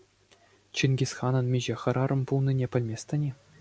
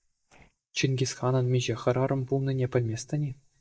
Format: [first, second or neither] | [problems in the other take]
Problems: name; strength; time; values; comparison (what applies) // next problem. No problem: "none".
first | noise reduction (neural mask model DeepFilterNet 3)